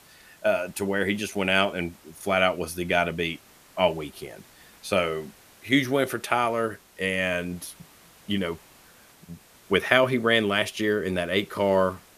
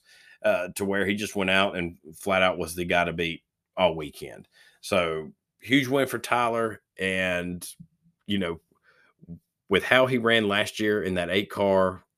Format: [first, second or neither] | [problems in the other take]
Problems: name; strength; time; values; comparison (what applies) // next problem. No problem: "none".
second | hiss; faint; throughout; 25 dB below the speech